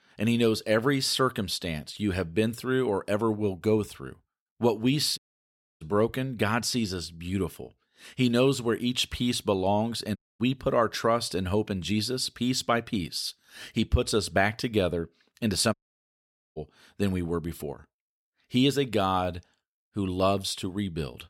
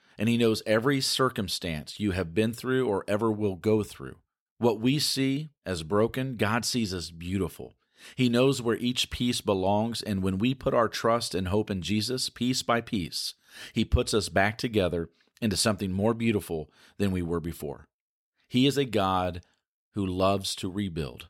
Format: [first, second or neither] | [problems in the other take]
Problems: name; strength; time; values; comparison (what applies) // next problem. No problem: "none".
second | audio cutting out; at 5 s for 0.5 s, at 10 s and at 16 s for 1 s